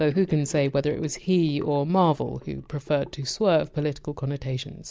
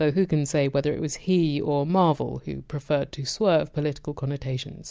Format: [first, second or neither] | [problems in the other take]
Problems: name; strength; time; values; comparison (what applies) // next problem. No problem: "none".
second | noise reduction (neural mask model Resemble Enhance denoiser)